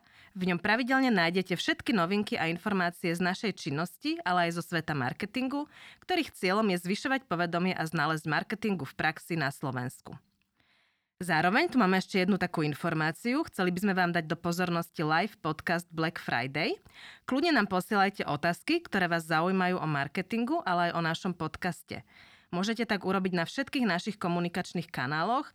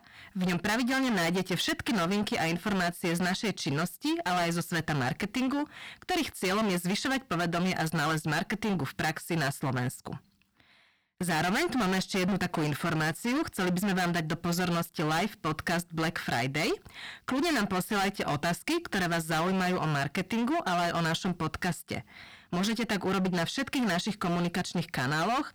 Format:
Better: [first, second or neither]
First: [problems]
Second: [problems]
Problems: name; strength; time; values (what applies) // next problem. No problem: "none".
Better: first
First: none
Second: distortion; heavy; 28% of the sound clipped